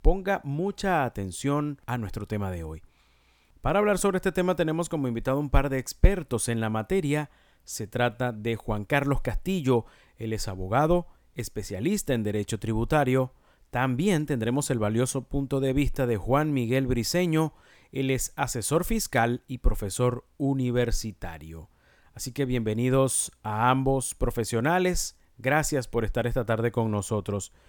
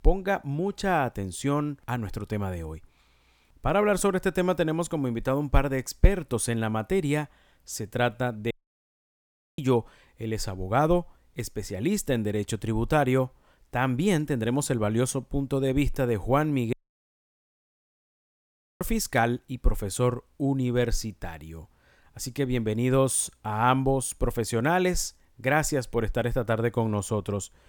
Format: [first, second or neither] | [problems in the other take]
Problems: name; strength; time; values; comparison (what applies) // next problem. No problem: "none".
first | audio cutting out; at 8.5 s for 1 s and at 17 s for 2 s